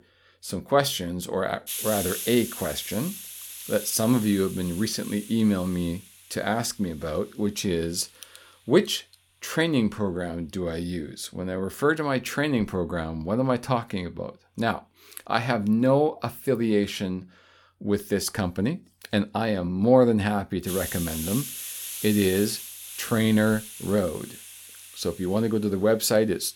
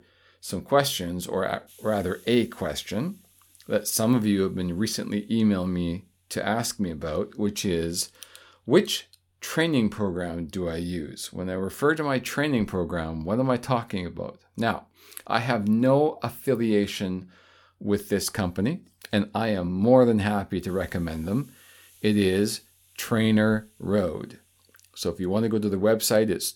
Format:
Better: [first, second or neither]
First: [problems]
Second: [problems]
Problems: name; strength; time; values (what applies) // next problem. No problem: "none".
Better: second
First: hiss; loud; throughout; 9 dB below the speech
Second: hiss; faint; throughout; 30 dB below the speech